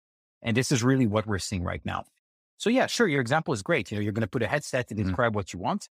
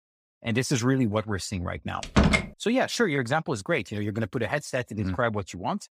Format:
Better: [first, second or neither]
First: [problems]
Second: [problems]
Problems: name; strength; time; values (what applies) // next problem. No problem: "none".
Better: first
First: none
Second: door banging; loud; at 2 s; peak 6 dB above the speech